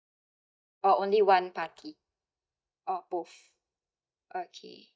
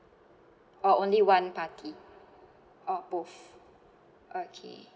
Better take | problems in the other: second | noise reduction (neural mask model DeepFilterNet 3)

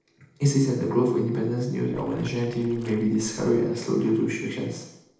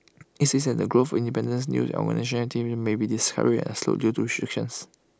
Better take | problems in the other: second | noise reduction (neural separator model SepFormer DNS4)

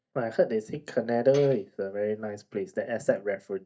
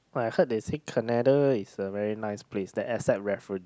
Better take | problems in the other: second | noise reduction (neural mask model DeepFilterNet 3)

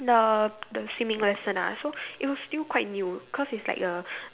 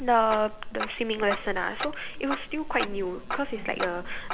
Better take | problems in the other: first | background sound (Tick-tock); 6 dB below the speech

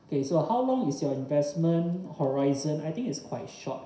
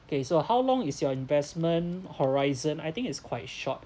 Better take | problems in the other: second | room echo; dies away in 0.7 s

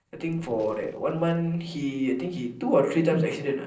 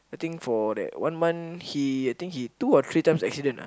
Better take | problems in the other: second | noise reduction (neural separator model SepFormer DNS4)

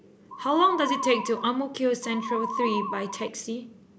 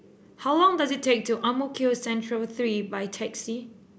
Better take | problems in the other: second | background sound (Musical instrument); 5 dB below the speech

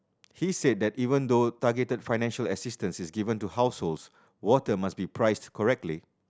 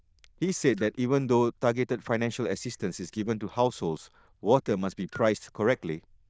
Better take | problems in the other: first | noise reduction (neural diffusion model UNIVERSE++)

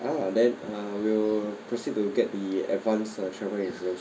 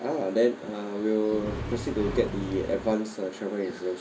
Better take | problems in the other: first | background sound (Accelerating, revving, vroom); 7 dB below the speech

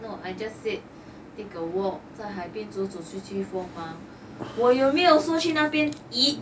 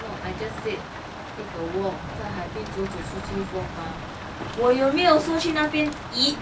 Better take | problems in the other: first | background sound (Rain); 9 dB below the speech

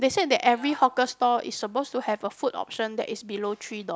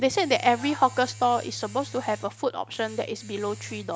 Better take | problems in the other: first | background sound (Domestic sounds, home sounds); 17 dB below the speech

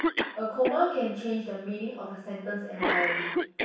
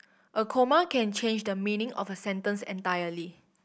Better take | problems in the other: second | background sound (Cough); 1 dB below the speech // room echo; dies away in 0.7 s

